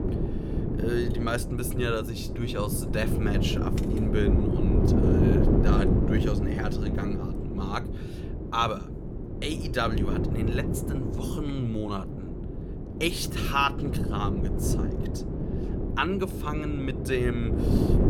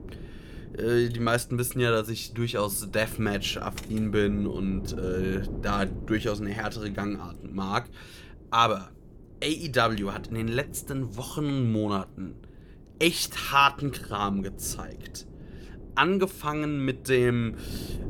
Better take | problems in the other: second | wind noise on the microphone; heavy; 4 dB below the speech; occasional gusts in the second

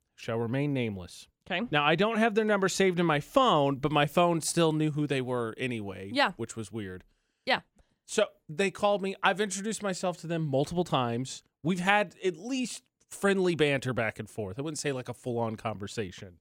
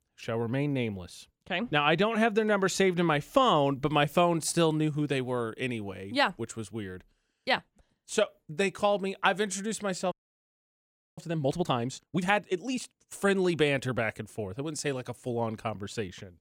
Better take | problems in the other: first | audio freezing; at 10 s for 1 s

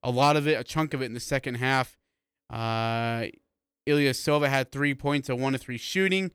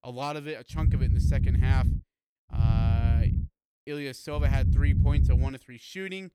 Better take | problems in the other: first | low rumble; loud; from 1 to 2 s, at 2.5 s and from 4.5 to 5.5 s; 3 dB below the speech

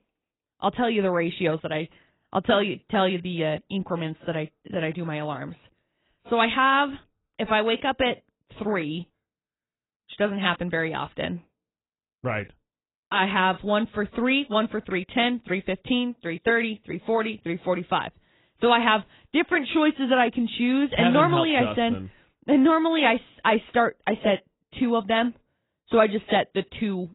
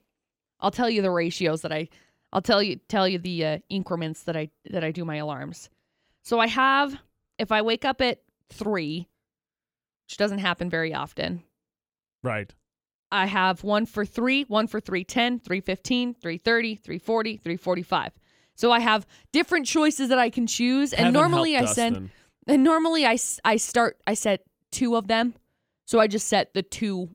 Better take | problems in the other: second | garbled, watery; badly; nothing above 4 kHz

